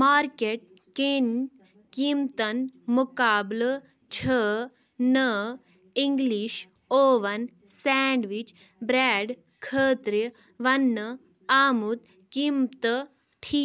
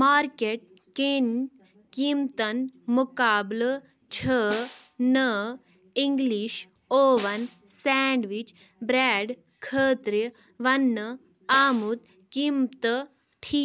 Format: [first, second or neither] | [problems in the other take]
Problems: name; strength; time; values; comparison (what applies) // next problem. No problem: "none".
first | background sound (Snare drum); 19 dB below the speech